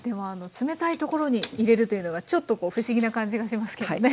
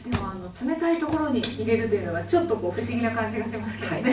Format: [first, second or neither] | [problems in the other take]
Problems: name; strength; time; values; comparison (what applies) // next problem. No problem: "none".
first | background sound (Engine); 11 dB below the speech // room echo; dies away in 0.3 s